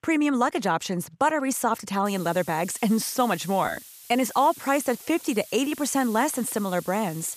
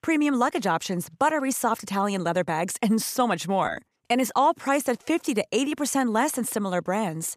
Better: second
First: hiss; noticeable; from 2 s on; 15 dB below the speech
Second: none

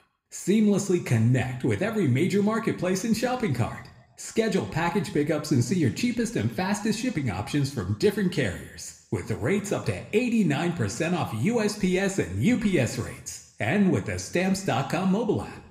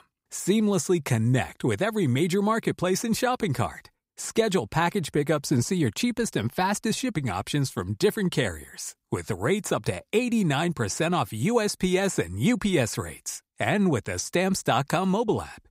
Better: second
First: room echo; very slight; dies away in 0.7 s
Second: none

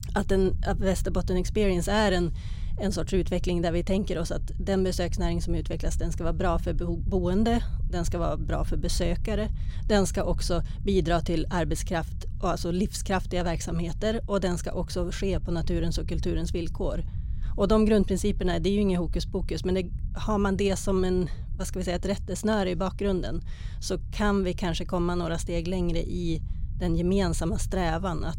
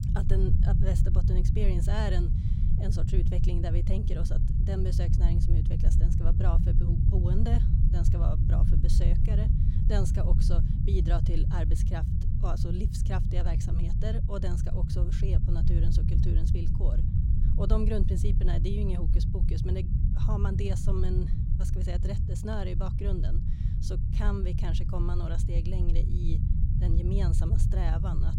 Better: first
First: low rumble; faint; throughout; 20 dB below the speech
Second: low rumble; loud; throughout; 2 dB below the speech

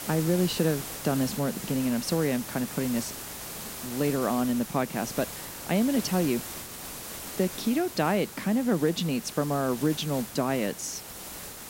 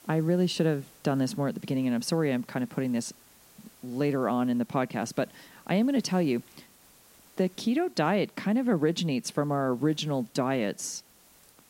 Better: second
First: hiss; loud; throughout; 9 dB below the speech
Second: hiss; faint; throughout; 25 dB below the speech

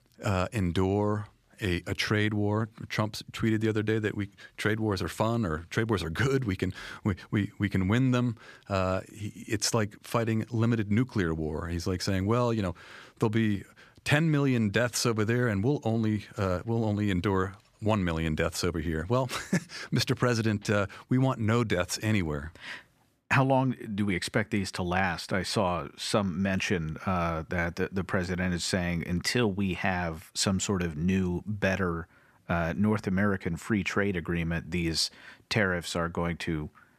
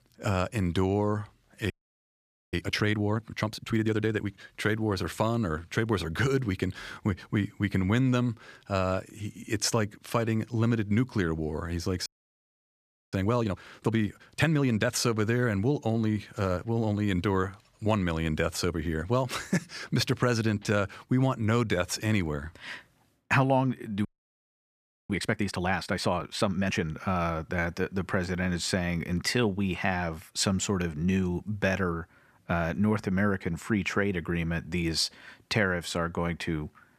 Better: first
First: none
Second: audio freezing; at 1.5 s for 1 s, at 12 s for 1 s and at 24 s for 1 s

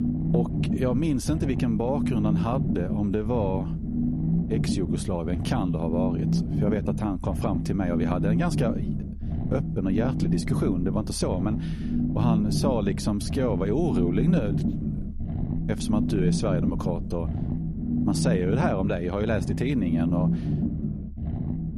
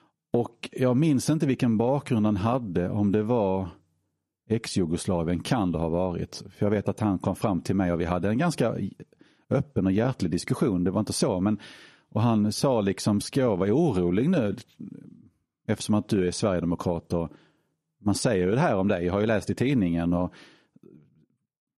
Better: second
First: low rumble; loud; throughout; 5 dB below the speech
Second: none

